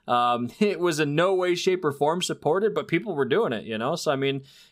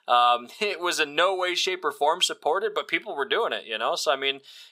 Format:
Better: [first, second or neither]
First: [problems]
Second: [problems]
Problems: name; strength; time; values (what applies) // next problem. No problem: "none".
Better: first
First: none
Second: thin; very; fading below 700 Hz